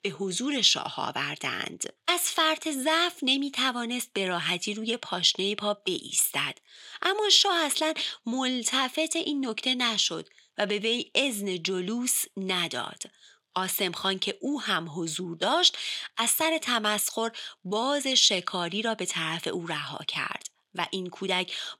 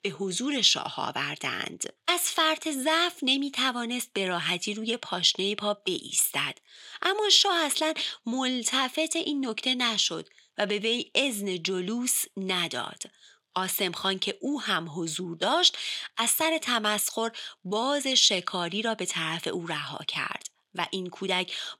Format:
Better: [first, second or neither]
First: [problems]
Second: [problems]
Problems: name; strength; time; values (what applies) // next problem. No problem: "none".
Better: neither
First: thin; somewhat; fading below 800 Hz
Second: thin; somewhat; fading below 800 Hz